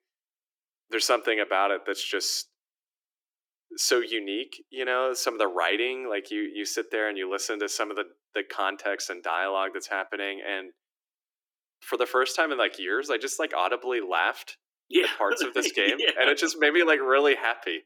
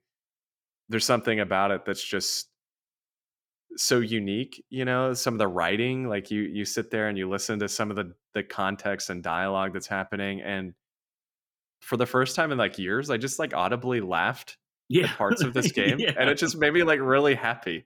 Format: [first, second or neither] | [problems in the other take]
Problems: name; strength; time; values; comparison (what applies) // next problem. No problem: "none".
second | thin; somewhat; fading below 300 Hz